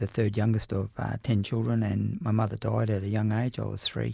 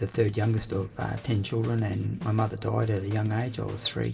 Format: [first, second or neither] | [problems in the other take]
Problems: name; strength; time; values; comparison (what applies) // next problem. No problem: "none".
first | background sound (Scratching (performance technique)); 20 dB below the speech // room echo; dies away in 1.4 s